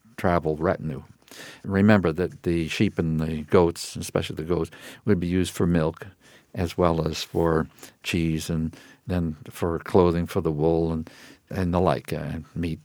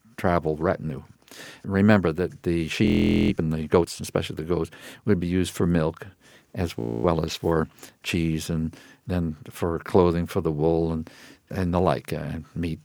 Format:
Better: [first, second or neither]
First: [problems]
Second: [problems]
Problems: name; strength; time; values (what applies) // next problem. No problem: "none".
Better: first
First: none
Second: audio freezing; at 3 s and at 7 s